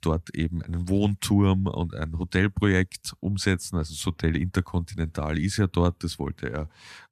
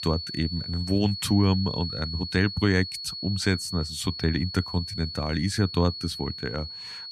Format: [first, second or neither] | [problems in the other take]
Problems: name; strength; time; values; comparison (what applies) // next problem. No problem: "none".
first | high-pitched whine; loud; throughout; 4.5 kHz, 7 dB below the speech